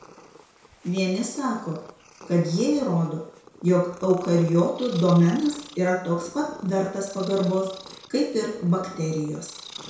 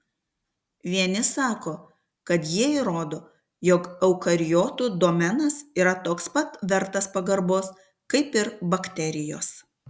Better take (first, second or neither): second